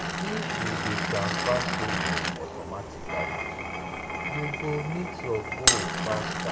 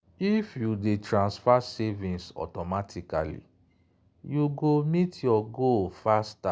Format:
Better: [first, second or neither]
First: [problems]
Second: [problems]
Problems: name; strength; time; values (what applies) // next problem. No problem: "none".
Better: second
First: background sound (Glass); 5 dB above the speech // room echo; dies away in 1.2 s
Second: none